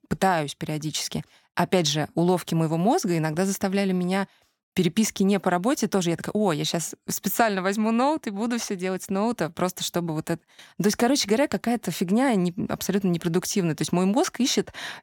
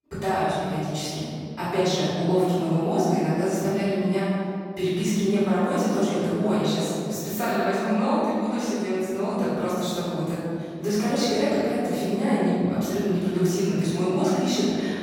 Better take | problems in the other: first | off-mic speech; far // room echo; strong; dies away in 2.4 s

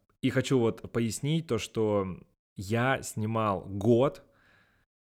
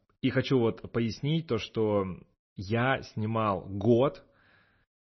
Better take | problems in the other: first | garbled, watery; slightly; nothing above 6 kHz

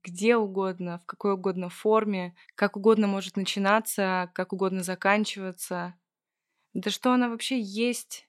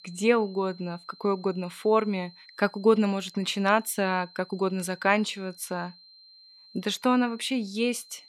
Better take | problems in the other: first | high-pitched whine; faint; throughout; 4 kHz, 25 dB below the speech

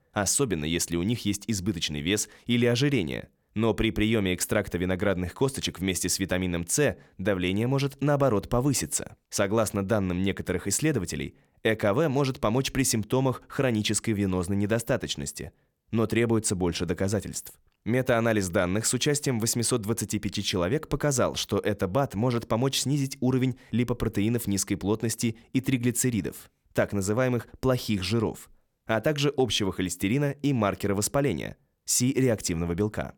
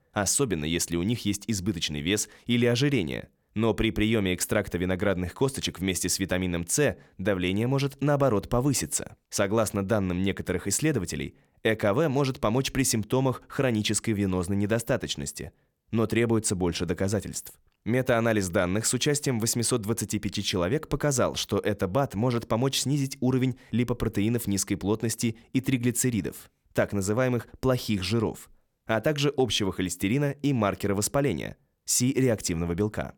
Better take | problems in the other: neither | none

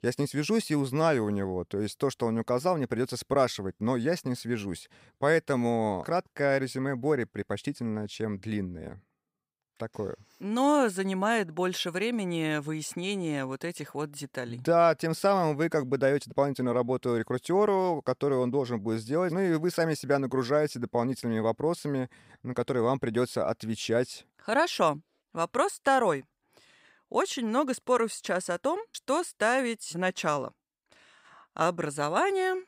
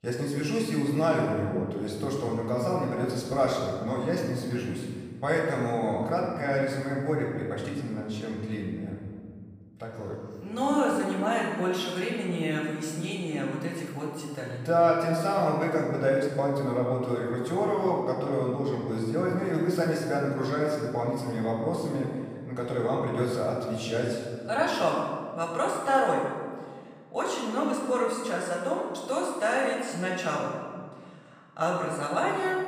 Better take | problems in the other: first | off-mic speech; far // room echo; noticeable; dies away in 1.5 s

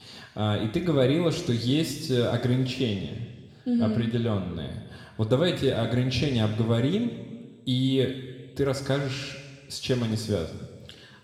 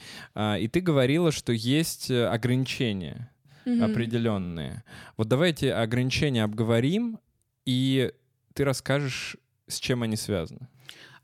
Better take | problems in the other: second | room echo; noticeable; dies away in 1.6 s // off-mic speech; somewhat distant

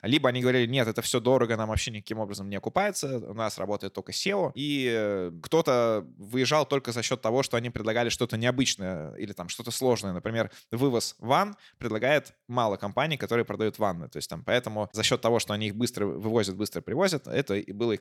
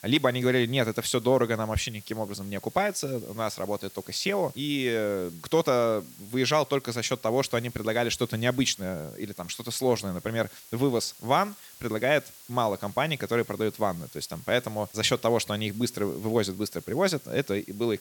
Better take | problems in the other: first | hiss; noticeable; throughout; 20 dB below the speech

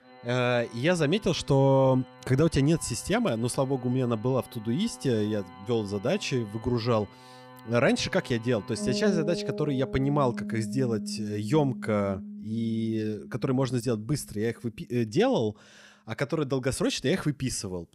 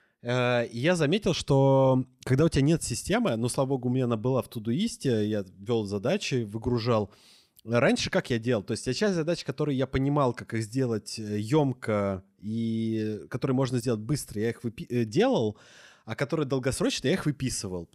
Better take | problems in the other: second | background music; noticeable; throughout; 15 dB below the speech

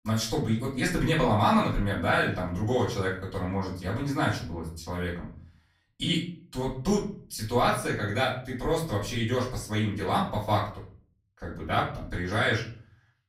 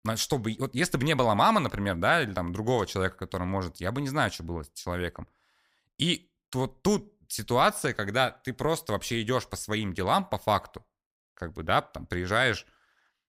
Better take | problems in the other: second | off-mic speech; far // room echo; slight; dies away in 0.5 s

